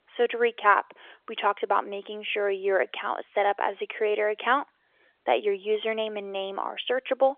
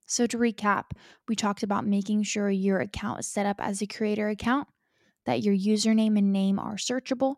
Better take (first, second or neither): second